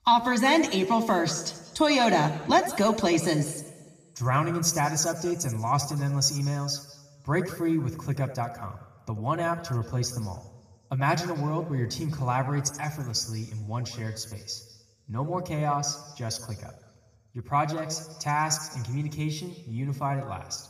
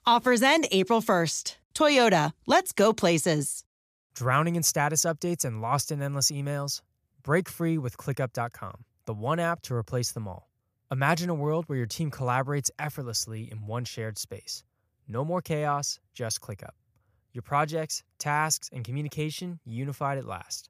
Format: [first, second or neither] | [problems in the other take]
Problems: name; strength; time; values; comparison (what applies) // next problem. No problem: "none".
second | room echo; slight; dies away in 0.9 s // off-mic speech; somewhat distant